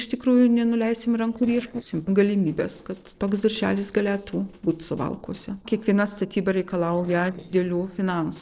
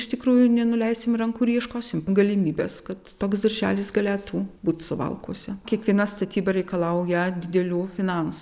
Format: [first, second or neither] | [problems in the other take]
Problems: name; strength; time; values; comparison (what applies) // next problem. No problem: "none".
second | noise reduction (neural separator model SepFormer DNS4)